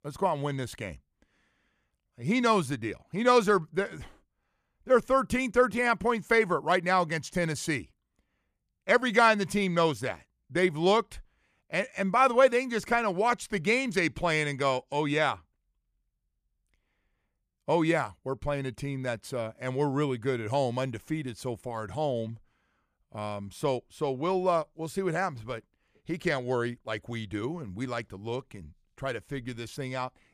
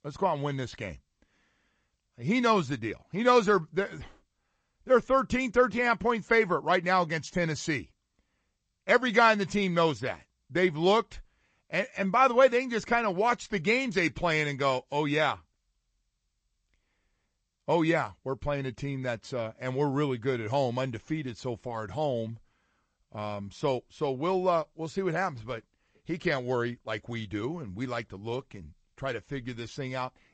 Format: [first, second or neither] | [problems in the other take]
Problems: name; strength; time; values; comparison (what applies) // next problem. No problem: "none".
first | garbled, watery; slightly; nothing above 7.5 kHz